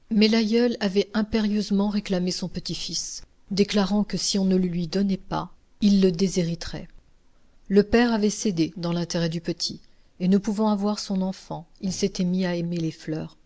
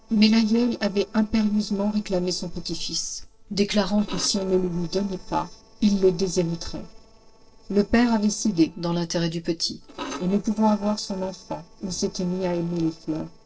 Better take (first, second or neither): first